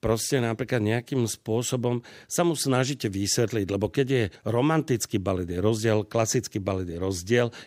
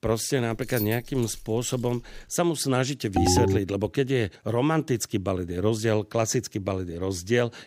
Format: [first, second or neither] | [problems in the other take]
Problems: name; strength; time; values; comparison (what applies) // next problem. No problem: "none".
first | jangling keys; noticeable; from 0.5 to 2 s; peak 8 dB below the speech // phone ringing; loud; at 3 s; peak 4 dB above the speech